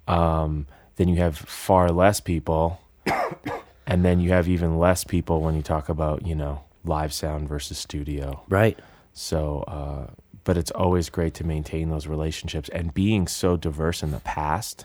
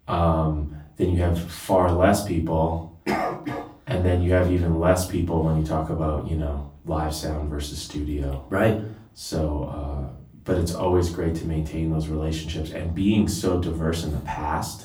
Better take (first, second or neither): first